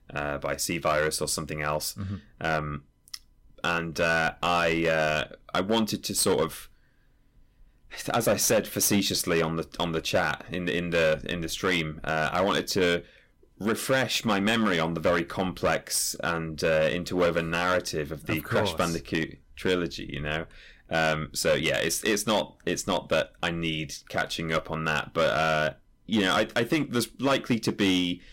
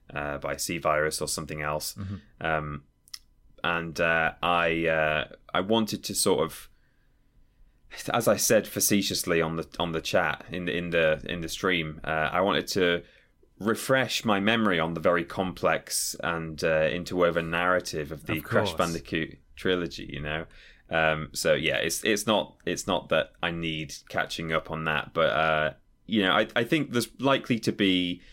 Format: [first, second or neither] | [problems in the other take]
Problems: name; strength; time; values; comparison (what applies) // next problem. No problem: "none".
second | distortion; slight; 5% of the sound clipped